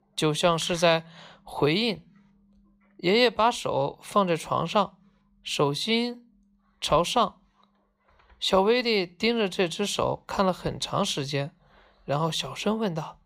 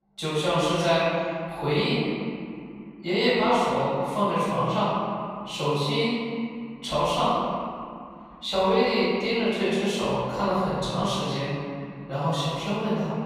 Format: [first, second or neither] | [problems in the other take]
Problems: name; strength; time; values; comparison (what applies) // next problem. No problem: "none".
first | off-mic speech; far // room echo; strong; dies away in 2.3 s